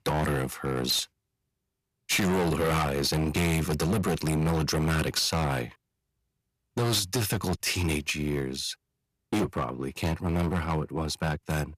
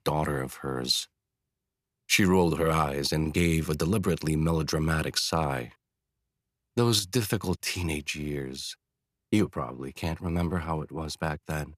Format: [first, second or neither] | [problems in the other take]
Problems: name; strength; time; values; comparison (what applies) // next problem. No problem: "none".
second | distortion; heavy; 13% of the sound clipped